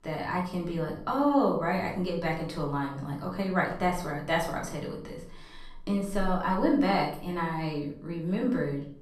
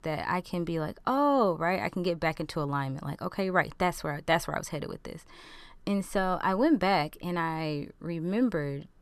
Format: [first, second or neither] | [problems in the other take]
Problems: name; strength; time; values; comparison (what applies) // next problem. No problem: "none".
second | off-mic speech; far // room echo; slight; dies away in 0.5 s